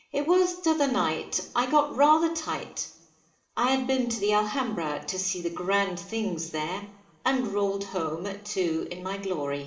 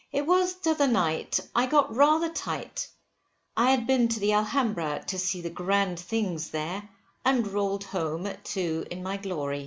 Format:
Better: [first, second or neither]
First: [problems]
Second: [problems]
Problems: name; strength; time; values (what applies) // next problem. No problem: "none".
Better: second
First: room echo; dies away in 1.2 s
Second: none